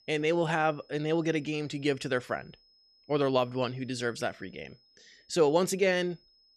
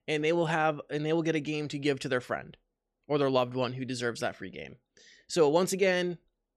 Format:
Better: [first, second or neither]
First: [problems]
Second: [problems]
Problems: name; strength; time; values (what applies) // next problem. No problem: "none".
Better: second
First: high-pitched whine; faint; throughout; 5 kHz, 30 dB below the speech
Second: none